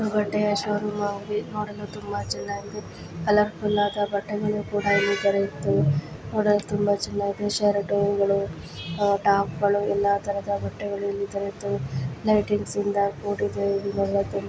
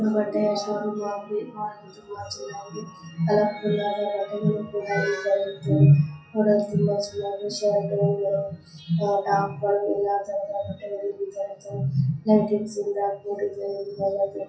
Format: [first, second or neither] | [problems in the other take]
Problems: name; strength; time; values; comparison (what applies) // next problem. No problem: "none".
first | noise reduction (classical method WPE with log-MMSE)